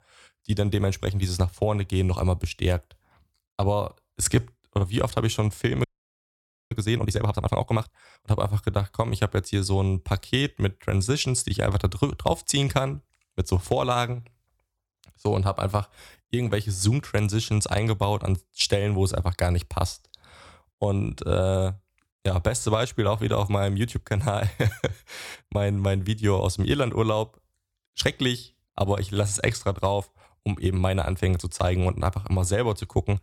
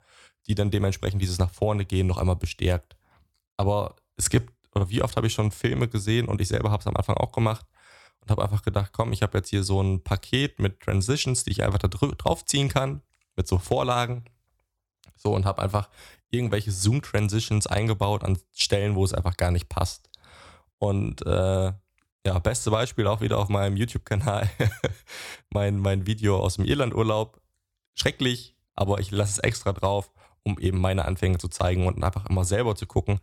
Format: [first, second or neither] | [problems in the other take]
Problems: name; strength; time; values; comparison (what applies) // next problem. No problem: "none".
second | audio freezing; at 6 s for 1 s